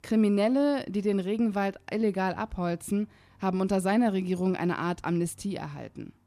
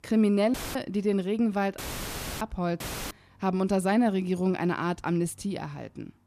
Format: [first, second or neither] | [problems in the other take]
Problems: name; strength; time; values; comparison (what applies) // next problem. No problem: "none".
first | audio cutting out; filled with static; at 0.5 s, at 2 s for 0.5 s and at 3 s